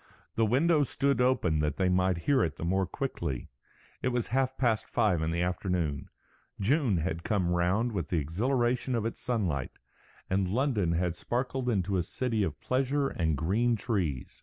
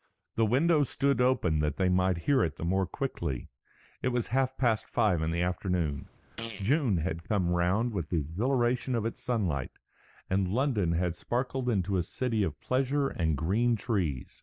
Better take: first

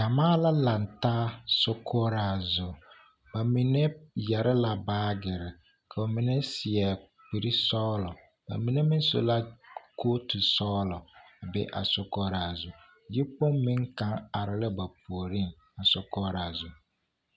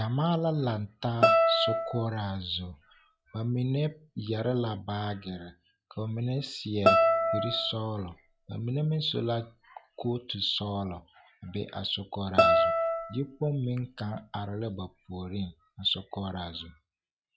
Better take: first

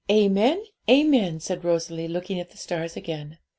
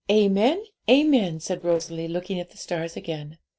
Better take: first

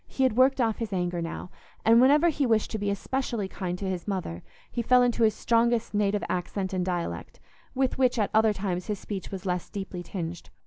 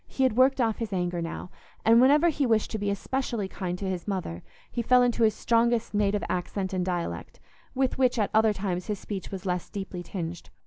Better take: first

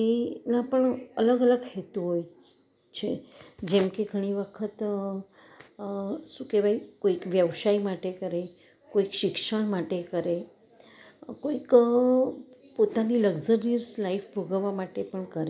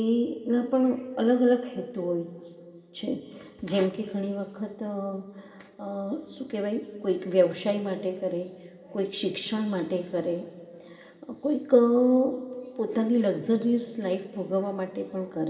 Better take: first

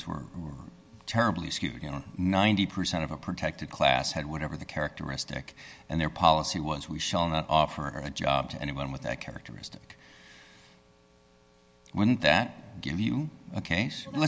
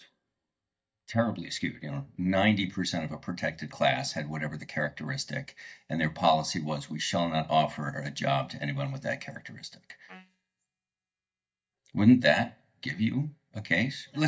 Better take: first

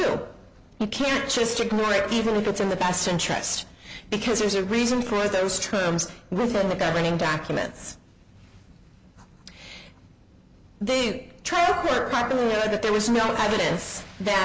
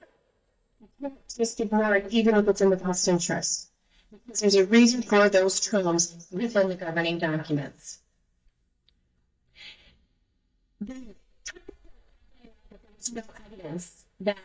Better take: first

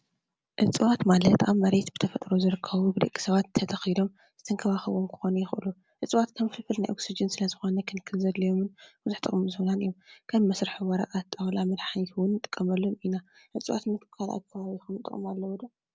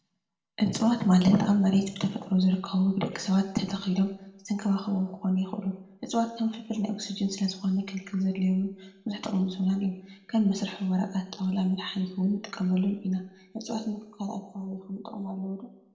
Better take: first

